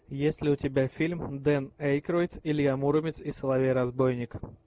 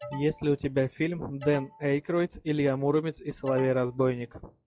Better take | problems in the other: first | noise reduction (classical method log-MMSE)

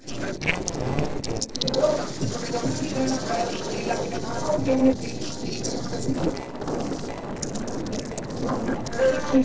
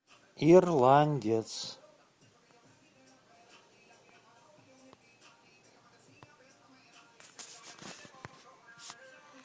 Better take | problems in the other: second | noise reduction (neural separator model SepFormer DNS4)

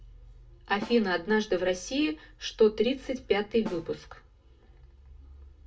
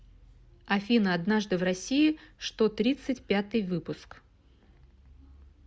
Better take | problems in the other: second | background sound (Snare drum); 17 dB below the speech // room echo; dies away in 0.2 s

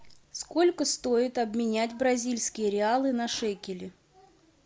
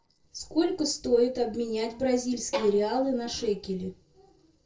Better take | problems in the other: first | noise reduction (neural separator model SepFormer DNS4)

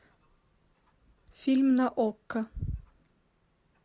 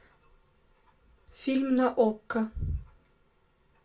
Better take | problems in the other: first | room echo; dies away in 0.2 s

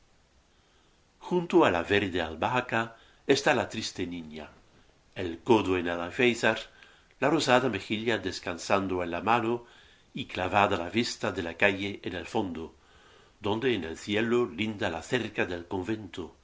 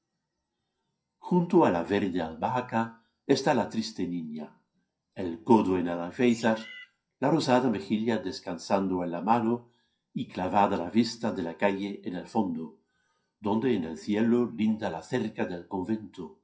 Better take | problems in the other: first | noise reduction (classical method WPE with log-MMSE)

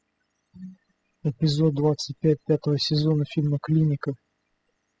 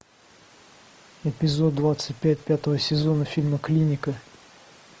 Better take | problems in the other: second | noise reduction (classical method spectral subtraction)

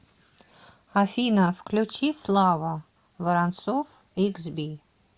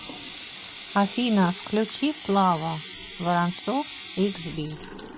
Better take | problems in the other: first | background sound (Water tap, faucet); 13 dB below the speech

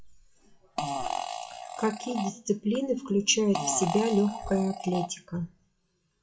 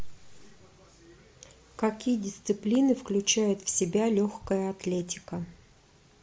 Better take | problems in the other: second | noise reduction (classical method WPE with log-MMSE)

